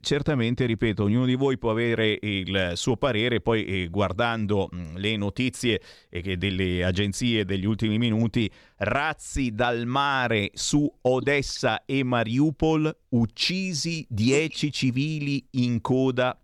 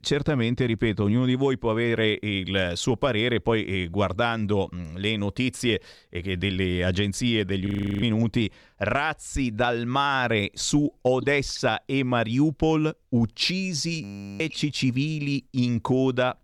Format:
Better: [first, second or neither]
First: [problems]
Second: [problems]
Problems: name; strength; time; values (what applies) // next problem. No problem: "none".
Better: first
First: none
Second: audio freezing; at 7.5 s and at 14 s